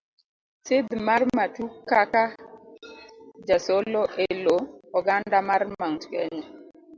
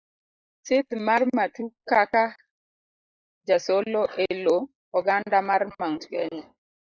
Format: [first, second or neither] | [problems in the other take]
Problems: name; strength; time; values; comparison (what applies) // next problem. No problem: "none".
first | noise reduction (neural mask model Resemble Enhance denoiser)